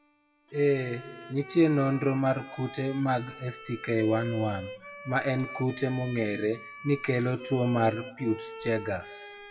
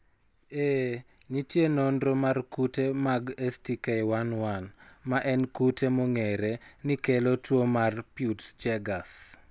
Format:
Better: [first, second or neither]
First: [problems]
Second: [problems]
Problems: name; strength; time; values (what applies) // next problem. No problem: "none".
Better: second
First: noise reduction (classical method WPE with log-MMSE)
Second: none